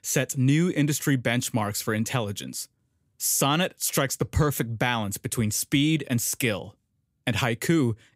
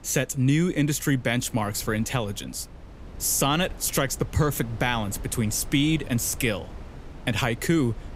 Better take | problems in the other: first | wind noise on the microphone; occasional gusts; 20 dB below the speech

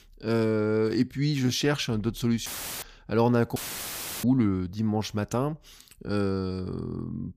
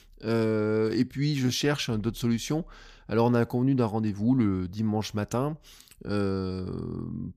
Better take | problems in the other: second | audio cutting out; filled with static; at 2.5 s and at 3.5 s for 0.5 s

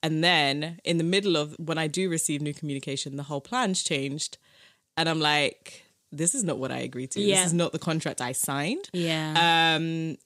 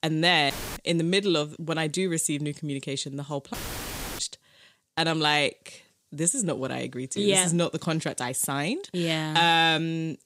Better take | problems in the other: first | audio cutting out; filled with static; at 0.5 s and at 3.5 s for 0.5 s

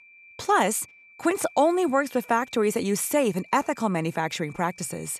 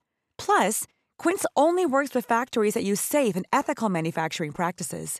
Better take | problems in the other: second | high-pitched whine; faint; throughout; 2.5 kHz, 25 dB below the speech

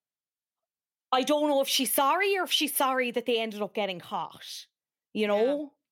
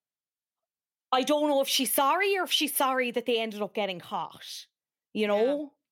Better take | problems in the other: neither | none

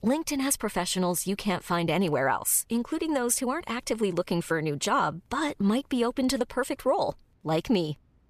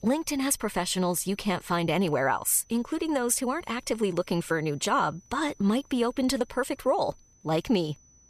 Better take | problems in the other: first | high-pitched whine; faint; throughout; 6 kHz, 30 dB below the speech

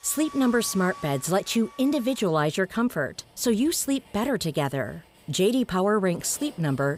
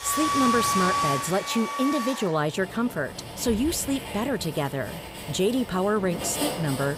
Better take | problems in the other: first | household noises; loud; throughout; 3 dB below the speech; faint in the first

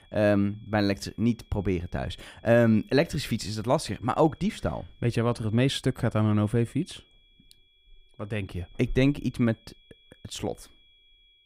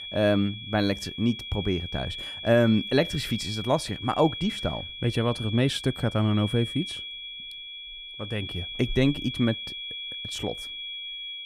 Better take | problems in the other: first | high-pitched whine; loud; throughout; 3.5 kHz, 8 dB below the speech; faint in the first

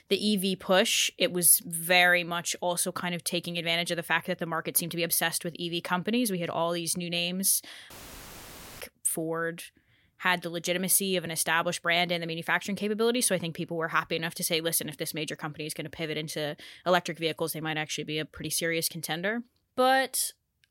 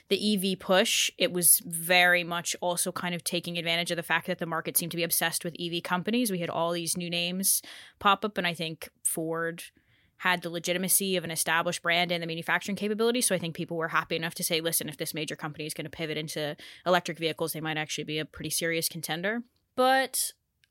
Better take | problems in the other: second | audio cutting out; filled with static; at 8 s for 1 s

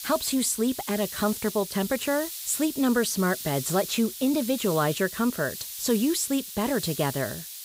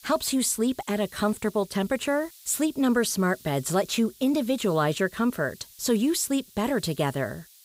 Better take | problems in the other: second | hiss; loud; throughout; 8 dB below the speech; faint in the second

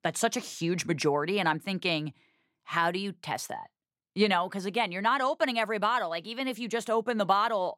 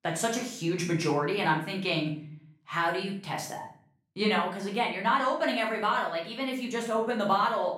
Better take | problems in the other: first | room echo; slight; dies away in 0.5 s // off-mic speech; far

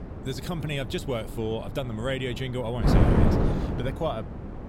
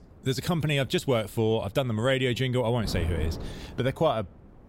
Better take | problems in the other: second | wind noise on the microphone; heavy; 2 dB above the speech; occasional gusts in the second

